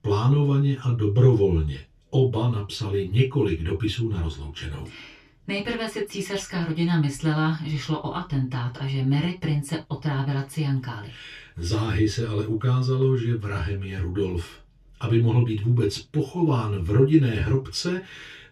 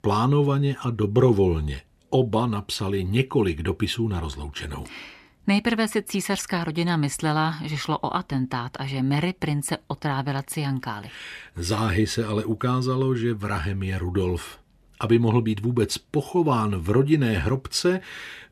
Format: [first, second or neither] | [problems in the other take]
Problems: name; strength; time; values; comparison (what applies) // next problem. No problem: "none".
second | room echo; very slight; dies away in 0.1 s // off-mic speech; far